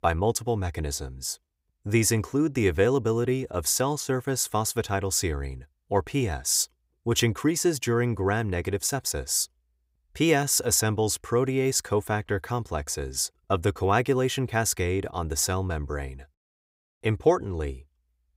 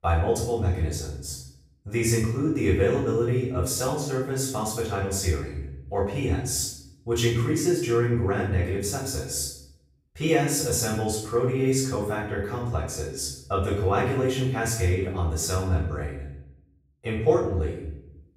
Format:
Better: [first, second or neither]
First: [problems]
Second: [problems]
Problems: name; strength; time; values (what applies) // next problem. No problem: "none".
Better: first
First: none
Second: off-mic speech; far // room echo; noticeable; dies away in 0.8 s